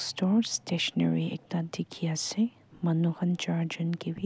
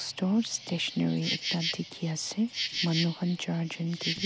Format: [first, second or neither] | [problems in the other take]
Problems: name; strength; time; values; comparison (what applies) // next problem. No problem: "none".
first | background sound (Insect); 6 dB below the speech